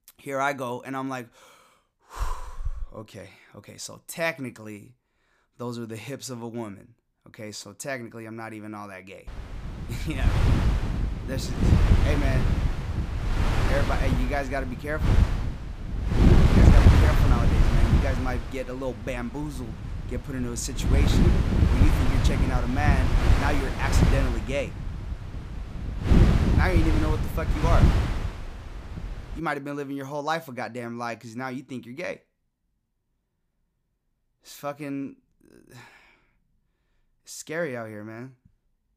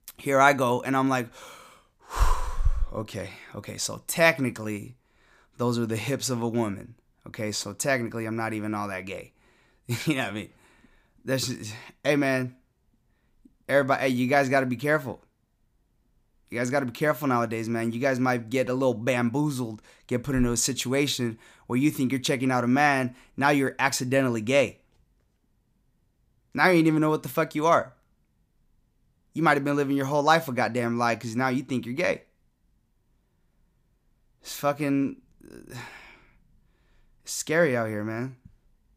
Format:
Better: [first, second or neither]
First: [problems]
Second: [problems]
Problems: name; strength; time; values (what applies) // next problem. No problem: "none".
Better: second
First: wind noise on the microphone; heavy; from 9.5 to 29 s; 1 dB above the speech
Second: none